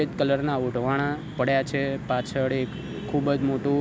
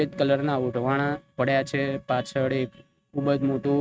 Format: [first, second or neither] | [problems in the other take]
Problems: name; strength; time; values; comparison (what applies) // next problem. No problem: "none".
first | noise reduction (neural mask model RNNoise)